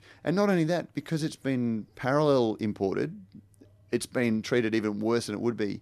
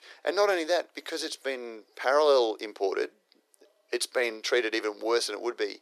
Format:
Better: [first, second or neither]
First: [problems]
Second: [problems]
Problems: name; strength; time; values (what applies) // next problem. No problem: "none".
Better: first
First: none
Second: thin; very; fading below 400 Hz